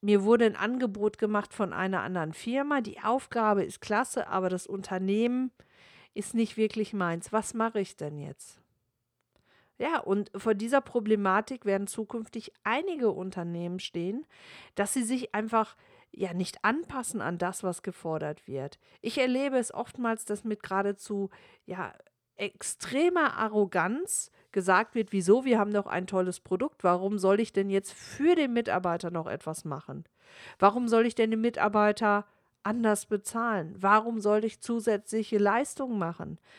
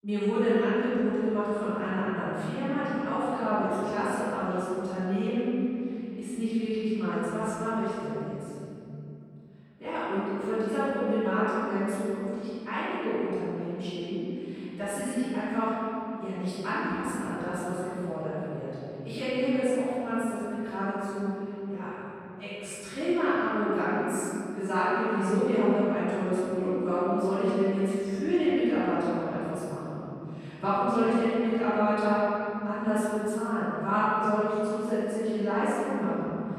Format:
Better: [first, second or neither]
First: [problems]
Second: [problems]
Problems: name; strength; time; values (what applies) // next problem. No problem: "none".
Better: first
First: none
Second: room echo; strong; dies away in 3 s // off-mic speech; far